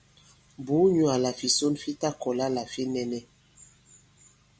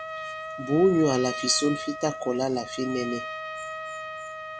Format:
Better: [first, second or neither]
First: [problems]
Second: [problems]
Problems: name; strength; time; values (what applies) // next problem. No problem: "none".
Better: first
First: none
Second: background sound (Trumpet); 9 dB below the speech